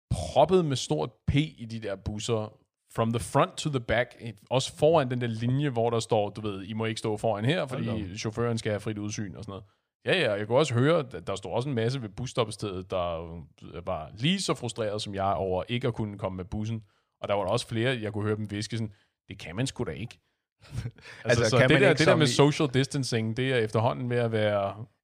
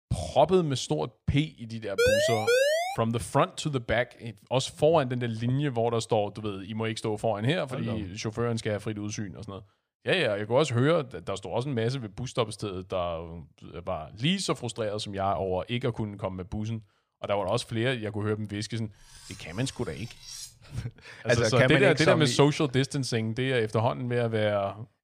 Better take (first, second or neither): first